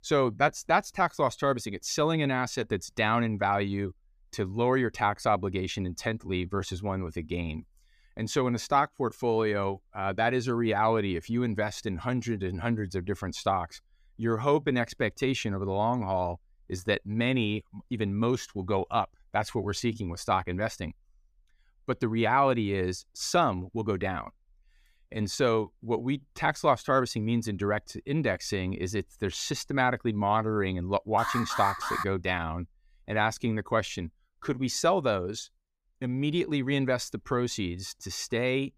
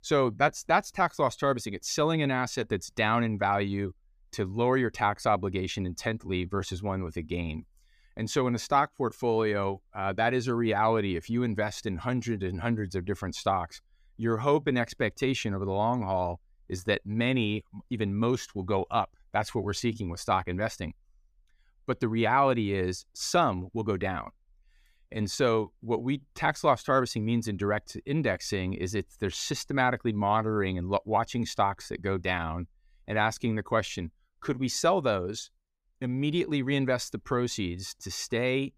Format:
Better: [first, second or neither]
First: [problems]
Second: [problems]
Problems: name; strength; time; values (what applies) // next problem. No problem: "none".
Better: second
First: alarm; noticeable; at 31 s; peak 2 dB below the speech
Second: none